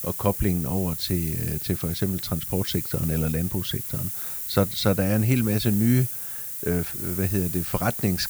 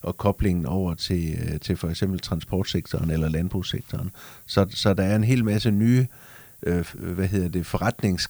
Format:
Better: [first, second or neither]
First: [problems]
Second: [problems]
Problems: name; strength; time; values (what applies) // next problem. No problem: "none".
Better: second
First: hiss; loud; throughout; 4 dB below the speech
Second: hiss; faint; throughout; 20 dB below the speech